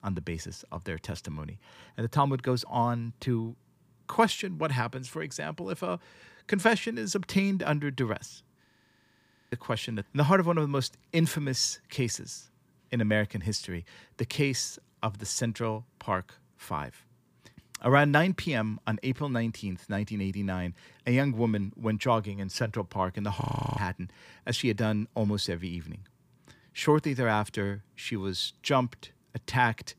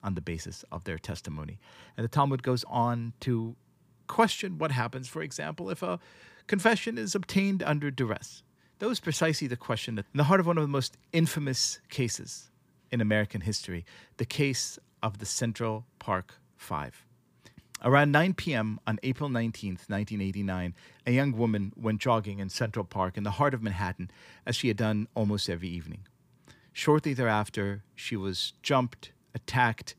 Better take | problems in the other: second | audio freezing; at 8.5 s for 1 s and at 23 s

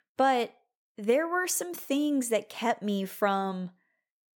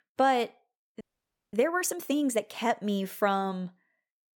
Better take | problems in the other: first | audio freezing; at 1 s for 0.5 s

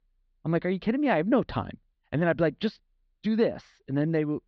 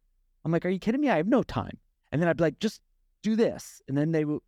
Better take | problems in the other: second | muffled; very slightly; fading above 4.5 kHz

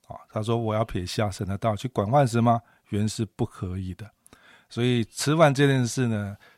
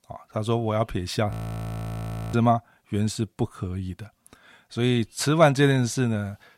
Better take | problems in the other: first | audio freezing; at 1.5 s for 1 s

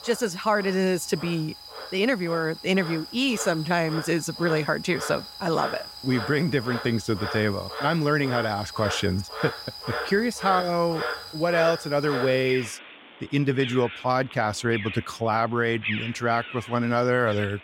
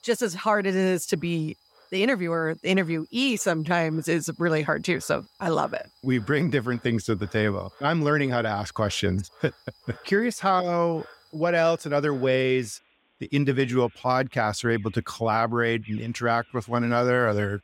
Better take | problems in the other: second | animal sounds; loud; throughout; 9 dB below the speech; faint in the second

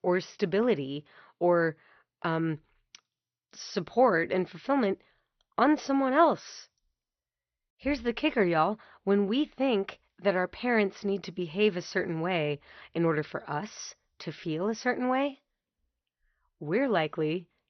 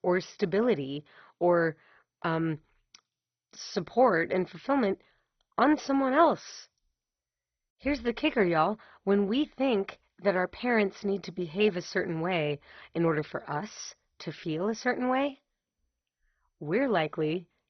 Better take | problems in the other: first | garbled, watery; badly; nothing above 6 kHz; slightly in the first

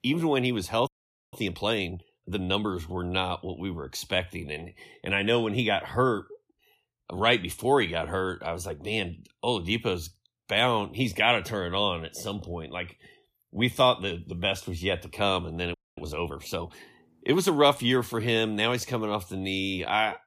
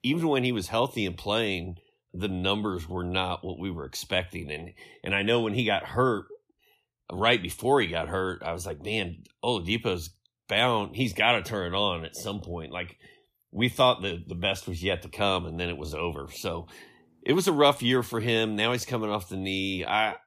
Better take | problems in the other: second | audio freezing; at 1 s and at 16 s

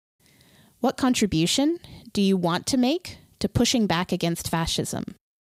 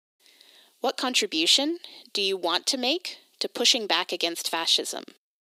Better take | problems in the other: first | thin; somewhat; fading below 300 Hz

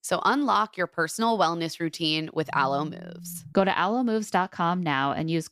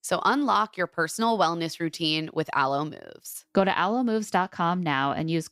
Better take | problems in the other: second | phone ringing; faint; from 2.5 to 3.5 s; peak 15 dB below the speech

